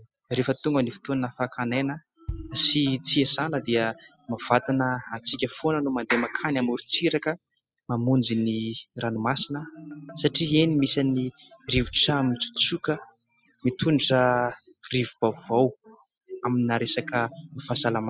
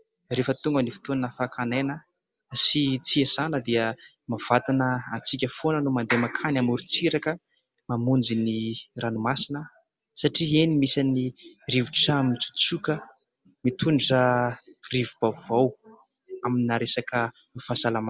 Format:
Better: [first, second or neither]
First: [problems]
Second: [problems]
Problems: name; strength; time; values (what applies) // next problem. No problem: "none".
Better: second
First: noise reduction (classical method spectral subtraction)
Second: none